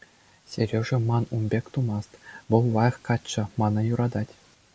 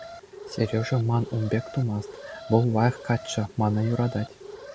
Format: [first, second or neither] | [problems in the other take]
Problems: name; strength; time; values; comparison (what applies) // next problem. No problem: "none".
first | background sound (Alarm); 15 dB below the speech